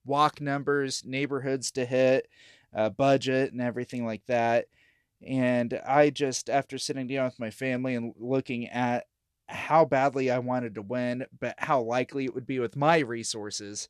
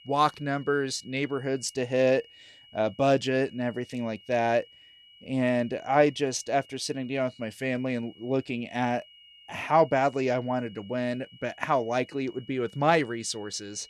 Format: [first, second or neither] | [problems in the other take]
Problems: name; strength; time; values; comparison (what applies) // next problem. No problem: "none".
first | high-pitched whine; faint; throughout; 3 kHz, 25 dB below the speech